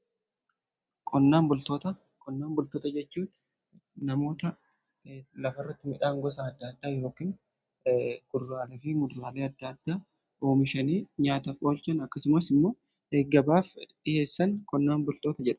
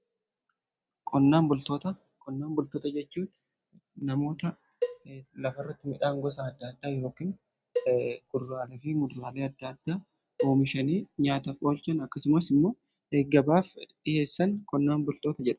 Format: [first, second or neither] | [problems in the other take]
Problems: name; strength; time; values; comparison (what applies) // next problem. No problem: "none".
first | background sound (Cowbell); 9 dB below the speech